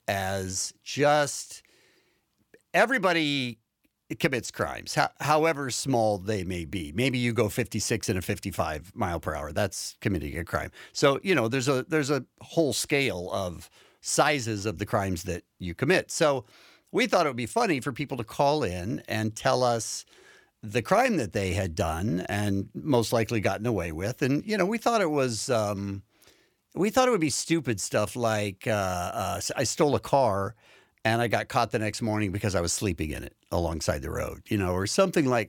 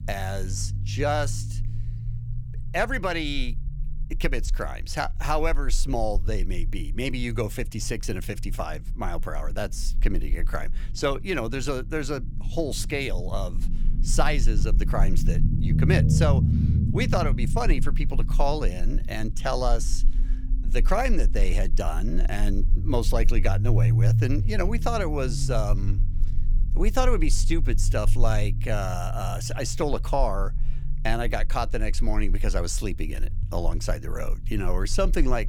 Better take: first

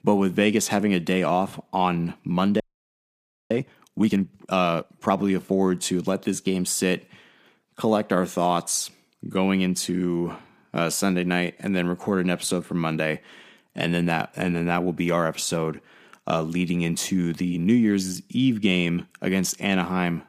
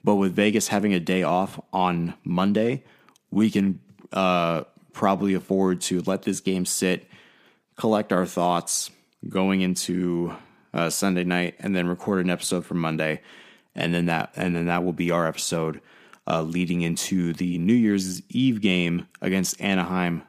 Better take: second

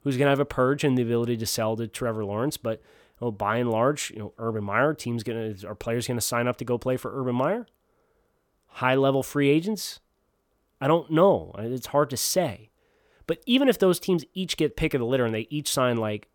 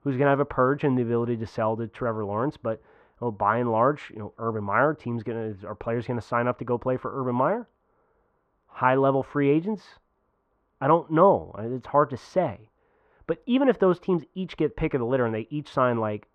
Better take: first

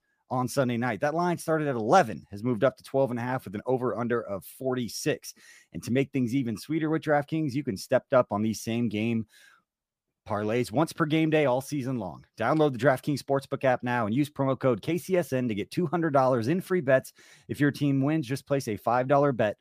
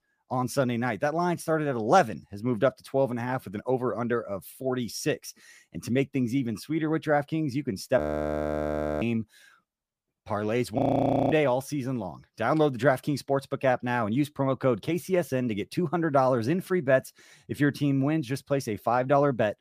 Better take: first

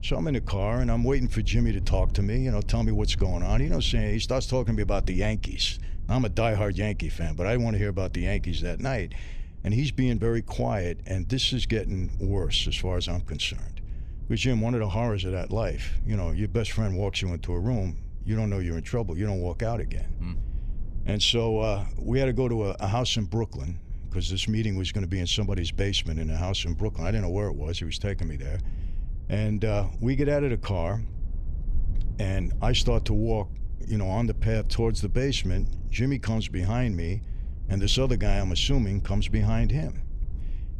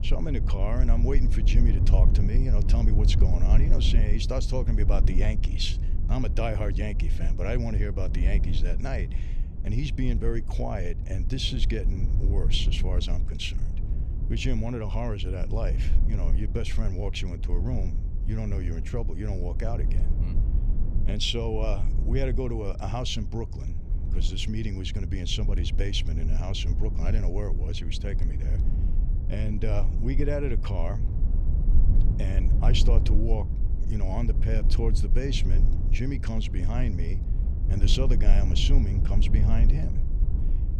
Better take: first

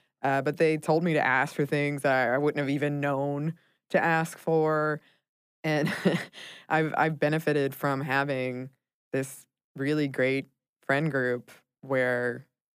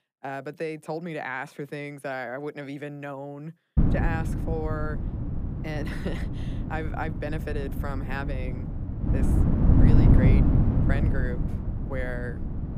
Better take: first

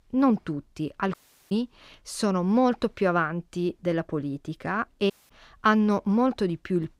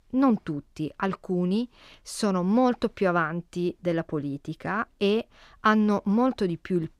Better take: second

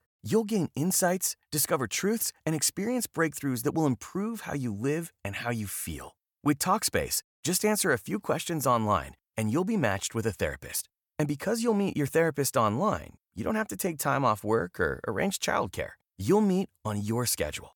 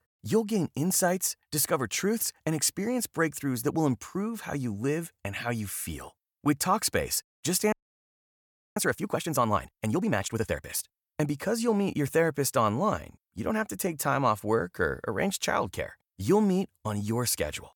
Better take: first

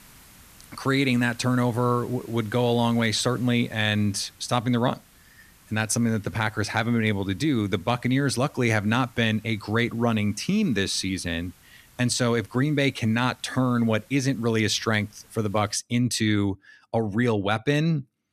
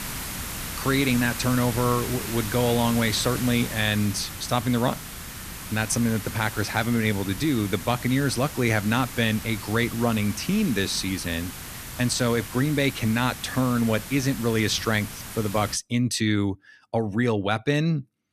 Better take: first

